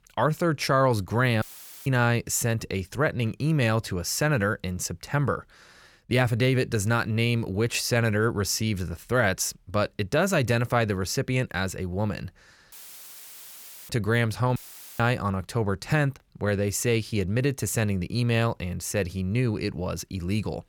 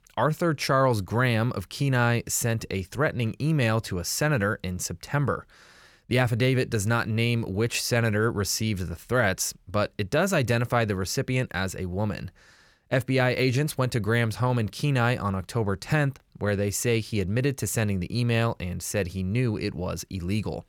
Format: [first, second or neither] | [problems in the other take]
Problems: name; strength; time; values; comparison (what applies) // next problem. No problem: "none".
second | audio cutting out; filled with static; at 1.5 s, at 13 s for 1 s and at 15 s